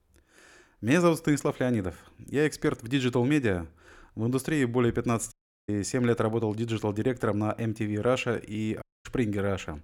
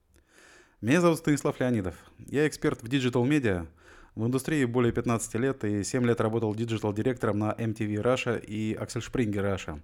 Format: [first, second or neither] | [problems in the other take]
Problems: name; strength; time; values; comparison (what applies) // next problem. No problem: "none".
second | audio cutting out; at 5.5 s and at 9 s